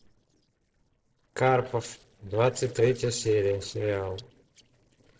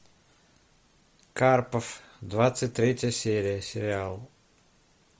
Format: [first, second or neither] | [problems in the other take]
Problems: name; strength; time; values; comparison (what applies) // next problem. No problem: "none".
second | noise reduction (neural separator model SepFormer DNS4)